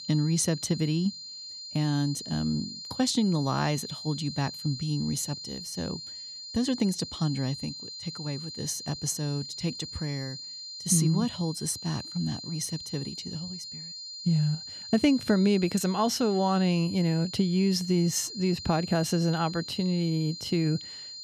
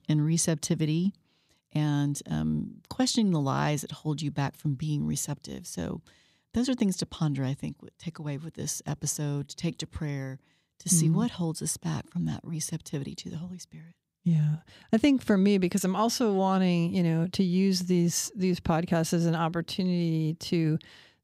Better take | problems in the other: second | high-pitched whine; loud; throughout; 4 kHz, 10 dB below the speech

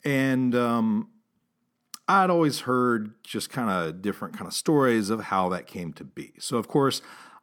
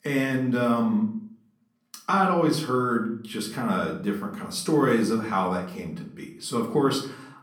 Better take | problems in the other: first | room echo; slight; dies away in 0.5 s // off-mic speech; far

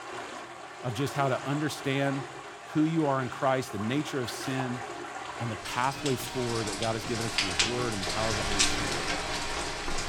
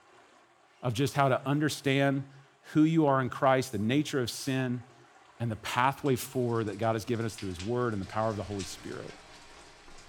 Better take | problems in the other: second | rain or running water; loud; throughout; 1 dB below the speech; faint in the second

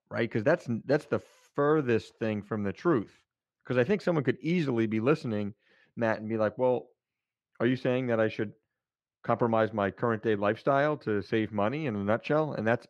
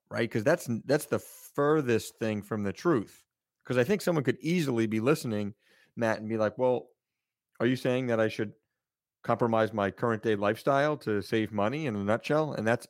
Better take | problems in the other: second | muffled; very slightly; fading above 3.5 kHz

